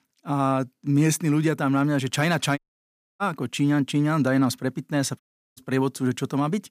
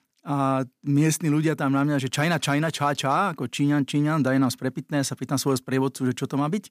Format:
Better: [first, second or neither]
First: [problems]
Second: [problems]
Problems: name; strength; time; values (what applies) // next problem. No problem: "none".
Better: second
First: audio cutting out; at 2.5 s for 0.5 s and at 5 s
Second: none